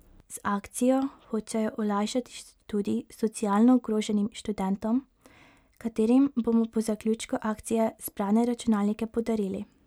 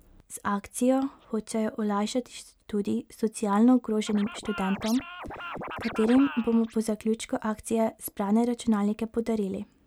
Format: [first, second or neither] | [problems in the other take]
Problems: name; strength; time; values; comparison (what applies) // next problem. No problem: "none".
first | background sound (Scratching (performance technique)); 11 dB below the speech